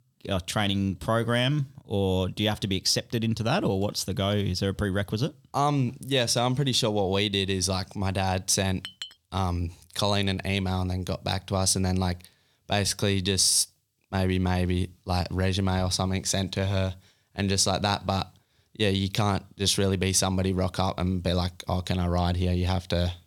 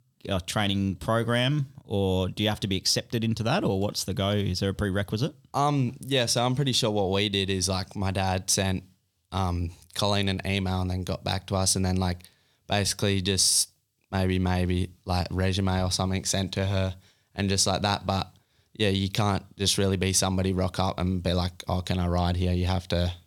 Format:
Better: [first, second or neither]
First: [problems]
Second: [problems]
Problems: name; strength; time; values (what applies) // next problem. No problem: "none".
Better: second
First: clattering dishes; faint; at 9 s; peak 10 dB below the speech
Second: none